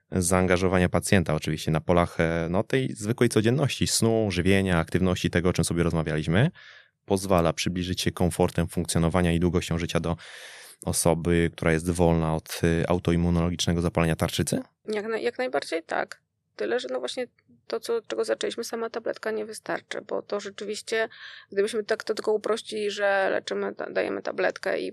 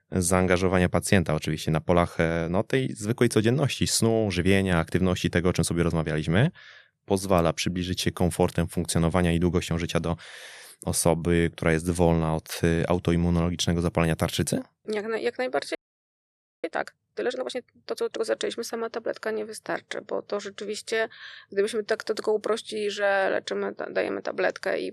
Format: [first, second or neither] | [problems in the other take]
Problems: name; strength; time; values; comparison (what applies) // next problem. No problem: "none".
first | audio freezing; at 16 s for 1 s